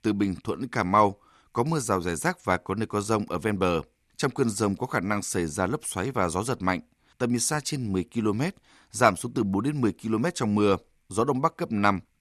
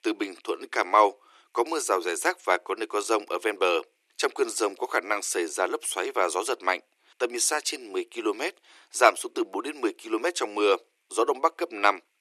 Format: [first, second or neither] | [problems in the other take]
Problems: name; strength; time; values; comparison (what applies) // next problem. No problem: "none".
first | thin; very; fading below 350 Hz